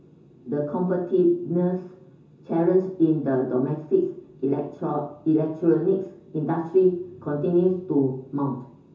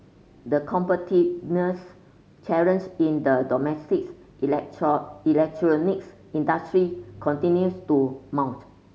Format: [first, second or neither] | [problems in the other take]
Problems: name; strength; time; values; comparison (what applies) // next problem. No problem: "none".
second | room echo; dies away in 0.6 s